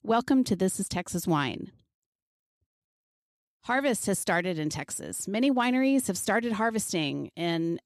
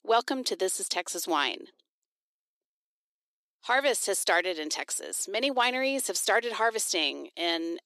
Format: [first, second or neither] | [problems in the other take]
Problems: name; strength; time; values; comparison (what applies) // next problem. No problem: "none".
first | thin; very; fading below 350 Hz